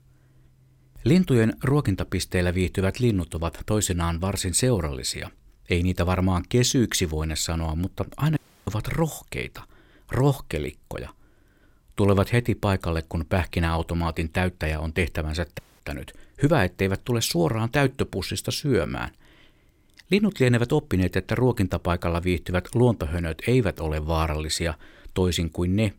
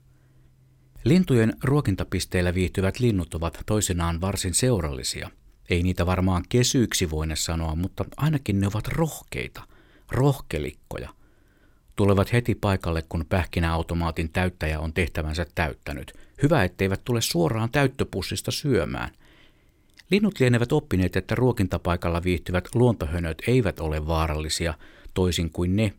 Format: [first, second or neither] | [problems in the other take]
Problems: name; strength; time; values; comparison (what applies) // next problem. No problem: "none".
second | audio cutting out; at 8.5 s and at 16 s